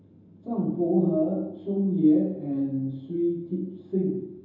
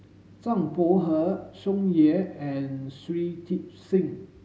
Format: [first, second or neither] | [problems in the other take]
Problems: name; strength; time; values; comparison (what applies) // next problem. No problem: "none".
second | room echo; dies away in 0.9 s